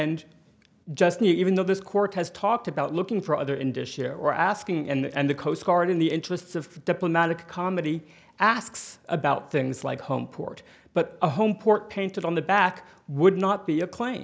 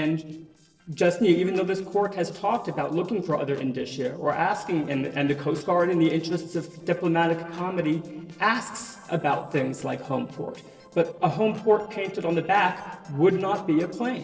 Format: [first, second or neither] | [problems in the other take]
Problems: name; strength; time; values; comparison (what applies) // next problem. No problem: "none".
first | noise reduction (neural separator model SepFormer DNS4)